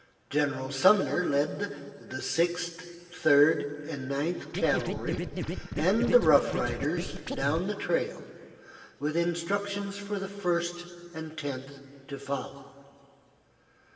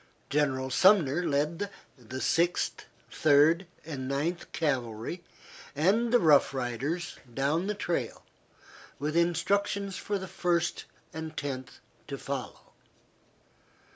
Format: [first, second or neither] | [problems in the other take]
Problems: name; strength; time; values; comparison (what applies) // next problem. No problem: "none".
second | background sound (Scratching (performance technique)); 5 dB below the speech // room echo; dies away in 2.6 s